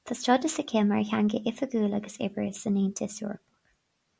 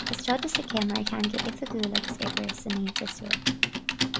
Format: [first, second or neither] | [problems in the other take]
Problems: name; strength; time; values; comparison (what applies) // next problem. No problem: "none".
first | background sound (Typing); 1 dB above the speech